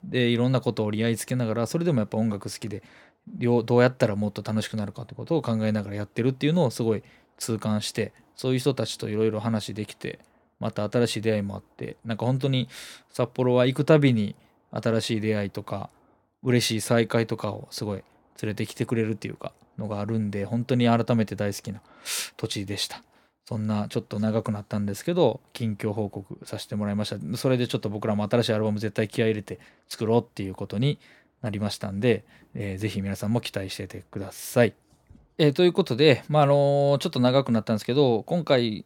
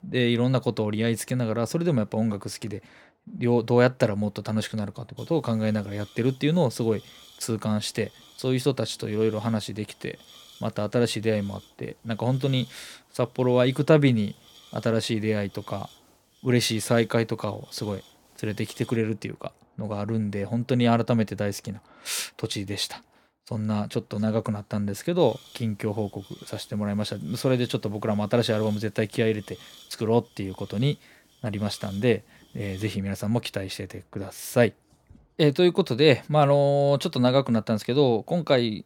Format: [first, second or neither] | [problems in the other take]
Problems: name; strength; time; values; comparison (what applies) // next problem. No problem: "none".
first | hiss; faint; from 5 to 19 s and from 25 to 33 s; 25 dB below the speech